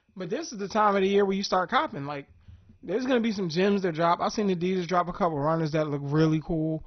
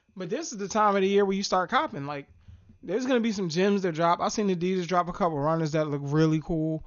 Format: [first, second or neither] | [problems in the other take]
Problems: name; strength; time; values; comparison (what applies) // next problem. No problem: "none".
second | garbled, watery; badly; nothing above 6 kHz; slightly in the second